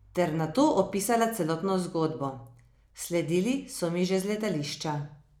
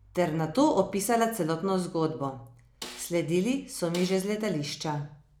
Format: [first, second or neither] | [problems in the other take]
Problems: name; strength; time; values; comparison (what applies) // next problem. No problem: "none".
first | background sound (Snare drum); 18 dB below the speech